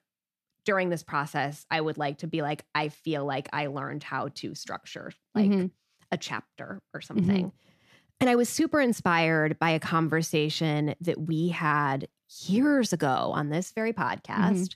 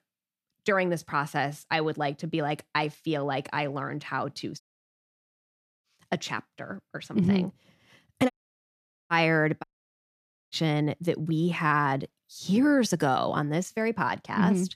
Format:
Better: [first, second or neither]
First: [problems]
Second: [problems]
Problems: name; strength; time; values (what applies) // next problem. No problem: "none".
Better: first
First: none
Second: audio cutting out; at 4.5 s for 1 s, at 8.5 s for 1 s and at 9.5 s for 1 s